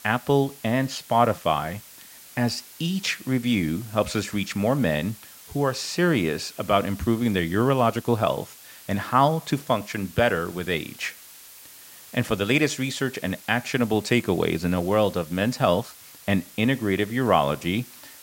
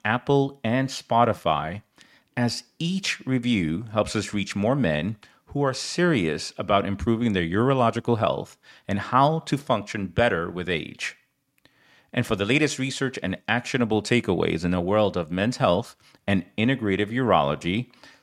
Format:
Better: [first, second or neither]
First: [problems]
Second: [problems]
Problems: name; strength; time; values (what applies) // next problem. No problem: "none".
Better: second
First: hiss; noticeable; throughout; 20 dB below the speech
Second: none